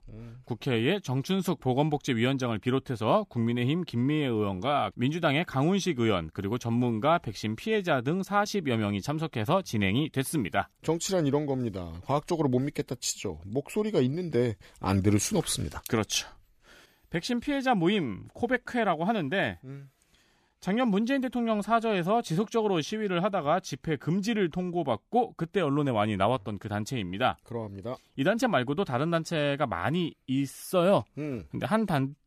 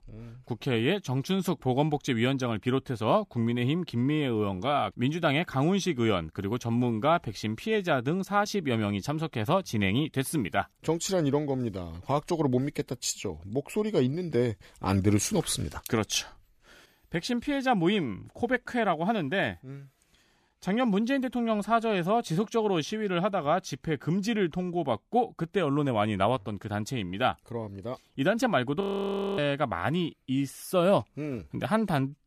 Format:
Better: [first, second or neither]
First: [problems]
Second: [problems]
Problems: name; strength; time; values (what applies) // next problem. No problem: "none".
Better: first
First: none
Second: audio freezing; at 29 s for 0.5 s